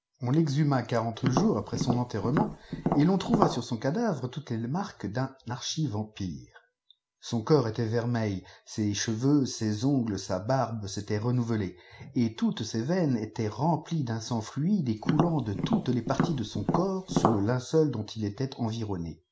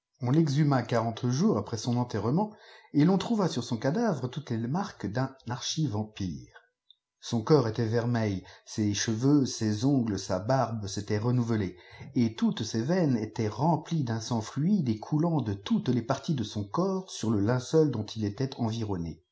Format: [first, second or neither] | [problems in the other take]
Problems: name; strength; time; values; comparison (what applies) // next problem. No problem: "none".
second | background sound (Tap); 1 dB below the speech